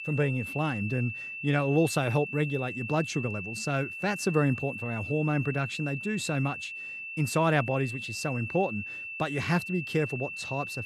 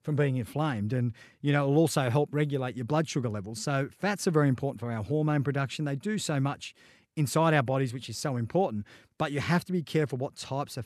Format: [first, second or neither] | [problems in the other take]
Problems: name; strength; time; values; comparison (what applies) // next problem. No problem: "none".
second | high-pitched whine; loud; throughout; 2.5 kHz, 7 dB below the speech